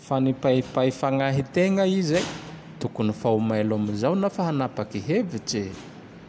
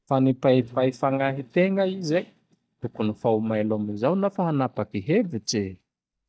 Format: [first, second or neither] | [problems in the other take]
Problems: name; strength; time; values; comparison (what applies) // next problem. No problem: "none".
first | noise reduction (neural mask model DeepFilterNet 3)